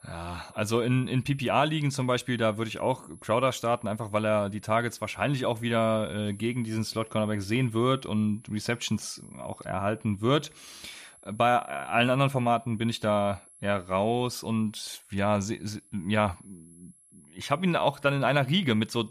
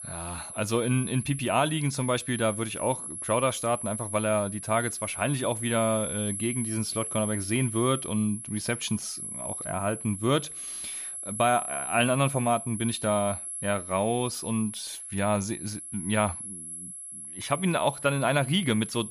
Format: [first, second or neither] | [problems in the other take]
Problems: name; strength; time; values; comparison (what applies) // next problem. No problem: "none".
first | high-pitched whine; loud; throughout; 11 kHz, 7 dB below the speech; faint in the first